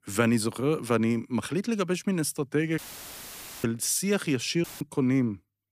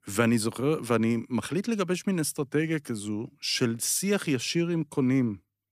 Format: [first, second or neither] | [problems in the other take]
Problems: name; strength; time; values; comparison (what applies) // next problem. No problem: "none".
second | audio cutting out; filled with static; at 3 s for 1 s and at 4.5 s